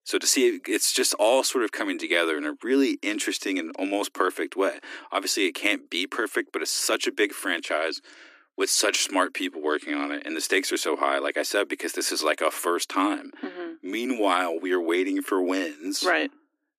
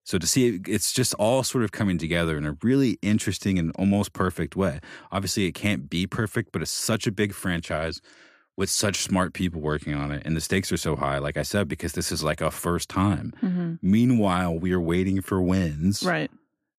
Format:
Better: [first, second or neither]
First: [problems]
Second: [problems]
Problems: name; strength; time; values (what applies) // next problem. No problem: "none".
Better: second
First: thin; somewhat; fading below 300 Hz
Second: none